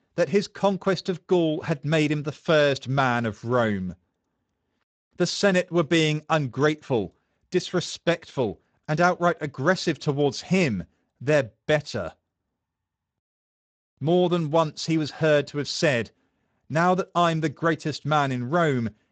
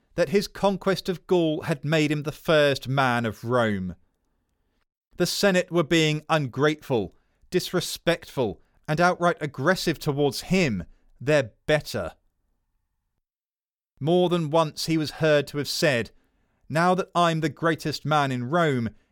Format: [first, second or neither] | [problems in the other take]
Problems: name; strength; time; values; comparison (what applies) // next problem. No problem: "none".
second | garbled, watery; slightly; nothing above 7.5 kHz